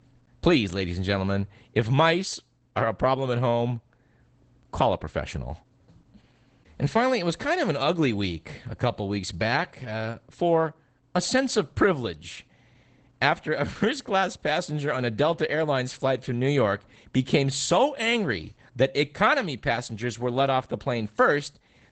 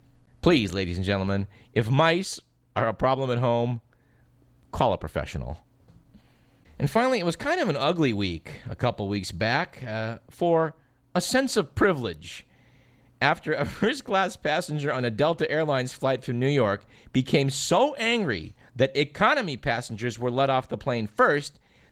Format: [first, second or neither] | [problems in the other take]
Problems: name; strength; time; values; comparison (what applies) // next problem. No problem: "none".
second | garbled, watery; badly; nothing above 8 kHz; slightly in the second